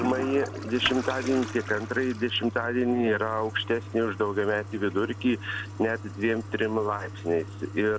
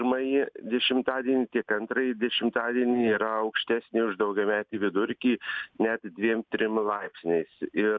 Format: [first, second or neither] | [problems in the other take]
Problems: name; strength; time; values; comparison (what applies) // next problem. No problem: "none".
second | background sound (Toilet flush); 10 dB below the speech